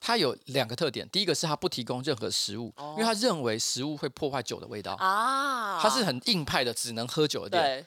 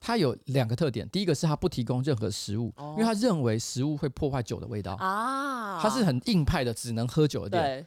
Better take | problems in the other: second | thin; somewhat; fading below 650 Hz

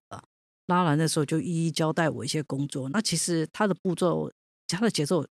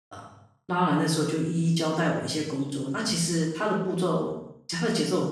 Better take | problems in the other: first | room echo; noticeable; dies away in 0.7 s // off-mic speech; far

